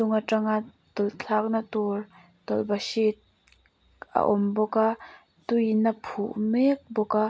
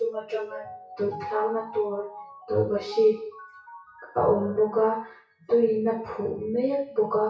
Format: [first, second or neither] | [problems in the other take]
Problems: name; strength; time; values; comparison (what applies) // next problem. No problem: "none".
first | noise reduction (classical method WPE with log-MMSE)